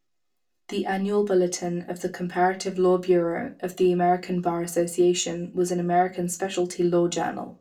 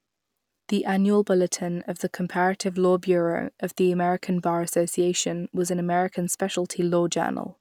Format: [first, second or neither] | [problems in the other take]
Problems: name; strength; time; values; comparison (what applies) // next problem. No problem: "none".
second | room echo; dies away in 0.2 s